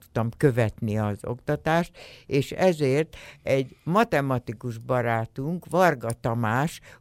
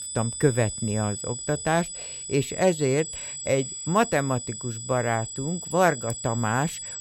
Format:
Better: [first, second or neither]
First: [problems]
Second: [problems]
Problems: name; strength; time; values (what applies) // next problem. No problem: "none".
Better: first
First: none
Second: high-pitched whine; loud; throughout; 8 kHz, 7 dB below the speech